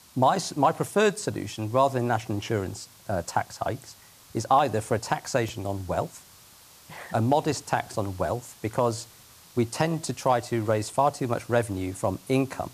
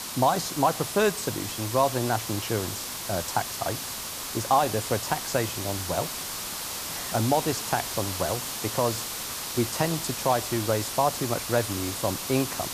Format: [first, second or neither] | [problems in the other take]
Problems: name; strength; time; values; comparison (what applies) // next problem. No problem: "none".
first | hiss; loud; throughout; 4 dB below the speech; faint in the first